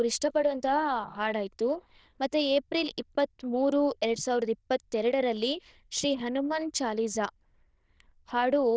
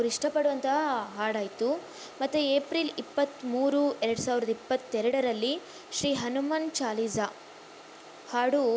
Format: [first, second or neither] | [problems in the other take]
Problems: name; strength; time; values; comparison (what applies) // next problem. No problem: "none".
second | noise reduction (neural diffusion model UNIVERSE++)